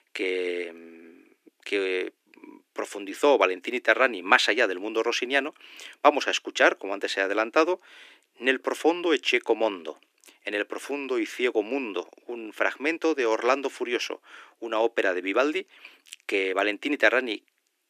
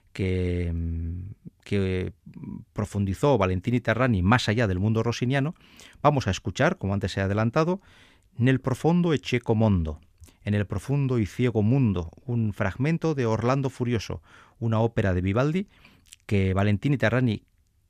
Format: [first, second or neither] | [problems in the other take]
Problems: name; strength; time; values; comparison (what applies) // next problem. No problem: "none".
second | thin; very; fading below 300 Hz